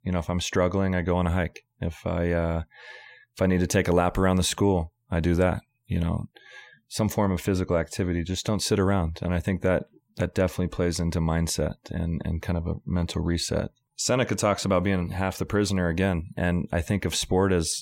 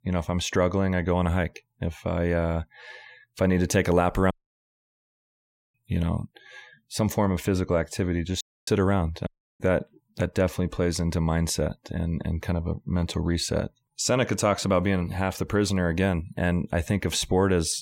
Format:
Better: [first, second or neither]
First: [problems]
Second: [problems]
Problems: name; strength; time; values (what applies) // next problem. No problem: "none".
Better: first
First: none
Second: audio cutting out; at 4.5 s for 1.5 s, at 8.5 s and at 9.5 s